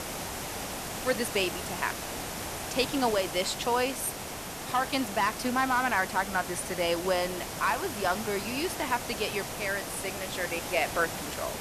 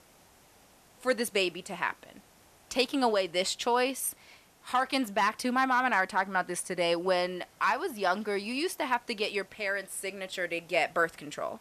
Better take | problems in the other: second | hiss; loud; throughout; 6 dB below the speech; faint in the second

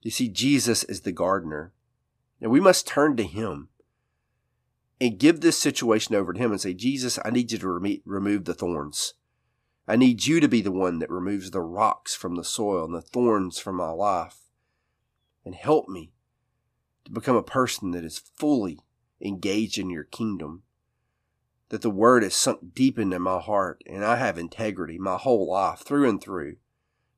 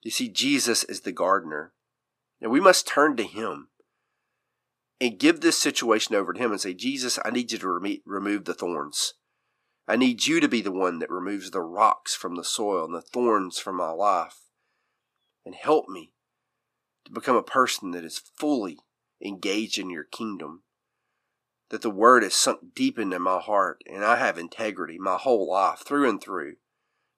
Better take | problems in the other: first | thin; very slightly; fading below 300 Hz

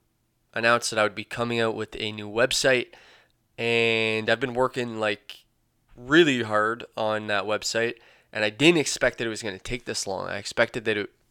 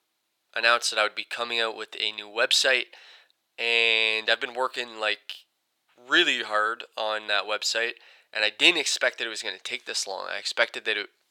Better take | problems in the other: first | thin; very; fading below 550 Hz

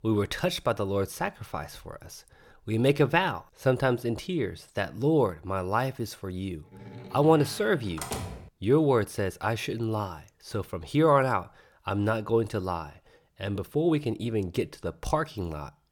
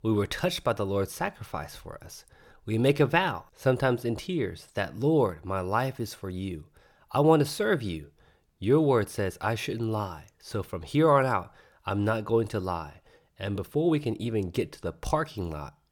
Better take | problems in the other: second | door banging; noticeable; from 6.5 to 8.5 s; peak 7 dB below the speech

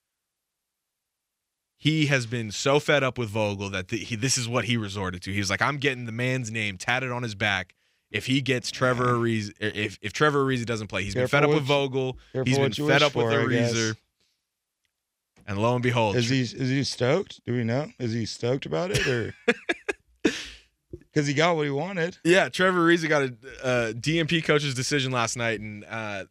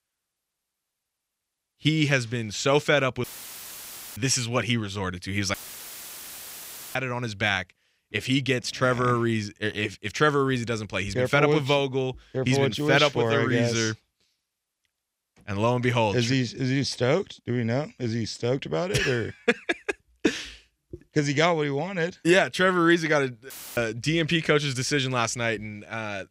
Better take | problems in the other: first | audio cutting out; filled with static; at 3 s for 1 s, at 5.5 s for 1.5 s and at 24 s

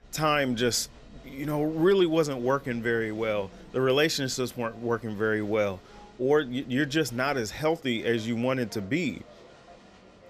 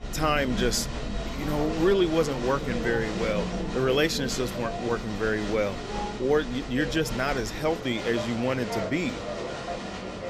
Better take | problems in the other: first | crowd noise; loud; throughout; 6 dB below the speech; faint in the first

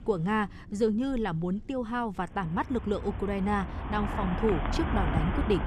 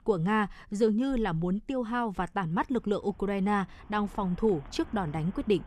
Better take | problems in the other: second | traffic noise; loud; throughout; 3 dB below the speech; faint in the second

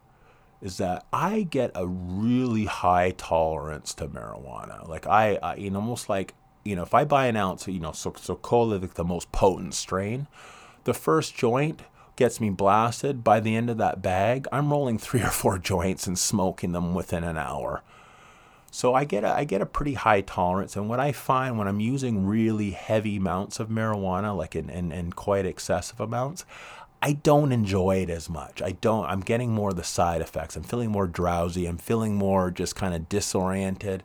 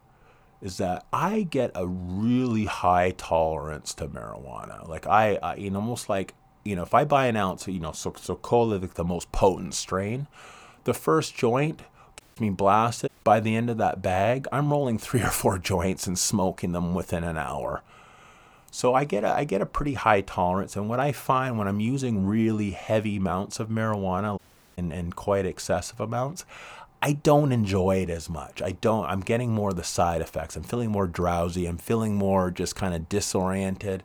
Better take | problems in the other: first | audio cutting out; at 12 s, at 13 s and at 24 s

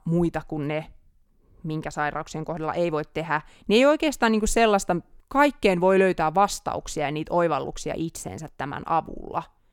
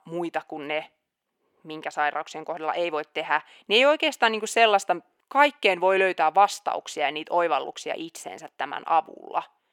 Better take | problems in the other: first | thin; somewhat; fading below 400 Hz

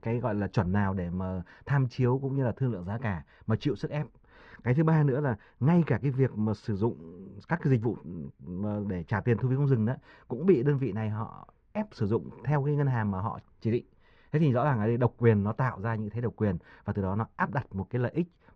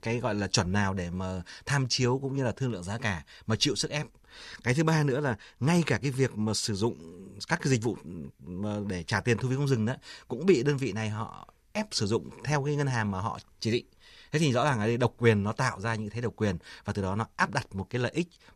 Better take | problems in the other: second | muffled; very; fading above 1.5 kHz

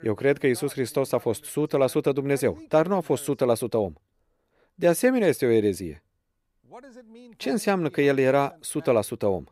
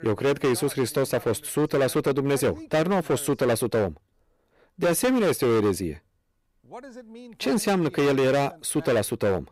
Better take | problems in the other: first | distortion; heavy; 15% of the sound clipped

